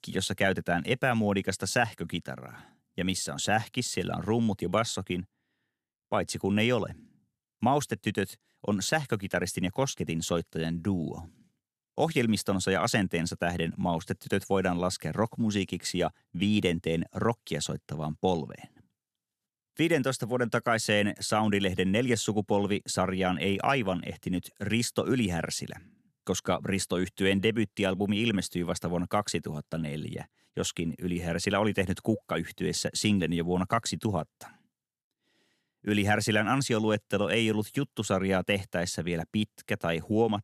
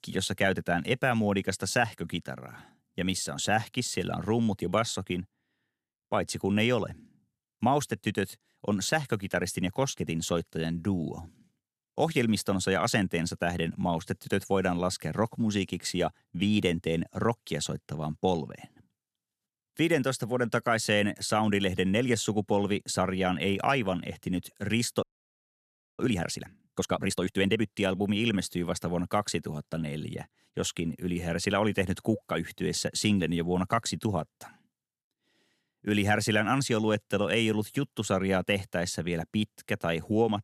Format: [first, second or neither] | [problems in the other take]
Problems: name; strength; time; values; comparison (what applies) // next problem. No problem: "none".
first | audio freezing; at 25 s for 1 s